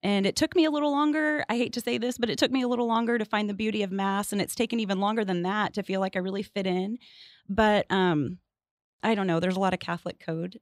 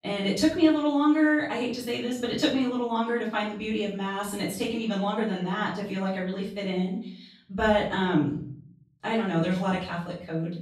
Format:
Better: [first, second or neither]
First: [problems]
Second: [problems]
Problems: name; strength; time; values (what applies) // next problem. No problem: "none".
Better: first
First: none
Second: off-mic speech; far // room echo; noticeable; dies away in 0.5 s